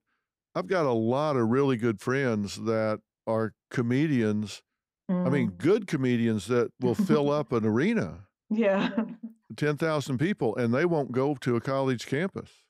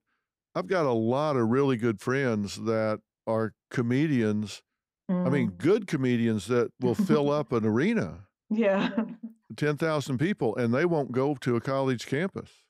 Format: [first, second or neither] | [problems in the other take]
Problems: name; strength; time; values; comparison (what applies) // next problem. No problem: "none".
neither | none